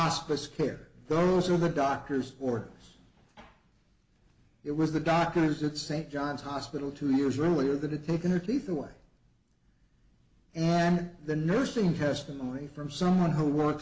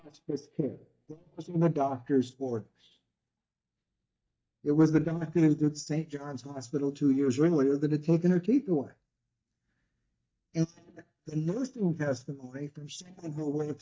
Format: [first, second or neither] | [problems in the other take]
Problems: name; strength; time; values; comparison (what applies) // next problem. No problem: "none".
first | noise reduction (neural mask model DeepFilterNet 3)